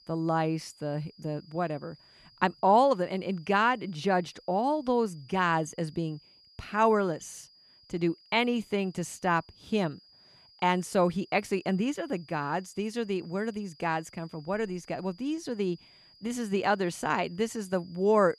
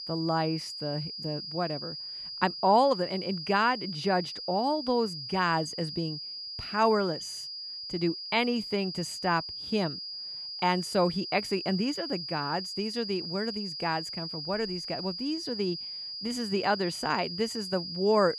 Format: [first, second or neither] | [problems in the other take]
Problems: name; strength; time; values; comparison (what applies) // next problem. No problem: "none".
first | high-pitched whine; loud; throughout; 5 kHz, 6 dB below the speech; faint in the first